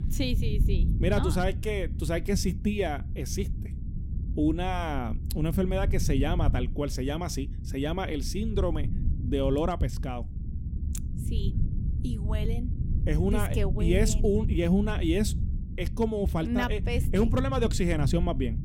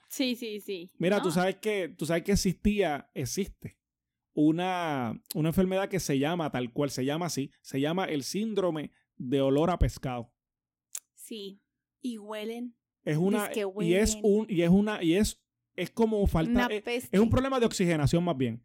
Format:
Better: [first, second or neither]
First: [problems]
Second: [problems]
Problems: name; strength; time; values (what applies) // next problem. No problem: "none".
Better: second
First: low rumble; noticeable; throughout; 15 dB below the speech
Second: none